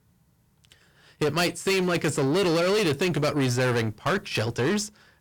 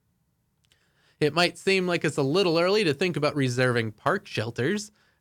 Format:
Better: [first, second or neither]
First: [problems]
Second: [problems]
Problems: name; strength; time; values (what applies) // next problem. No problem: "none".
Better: second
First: distortion; heavy; 7 dB below the speech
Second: none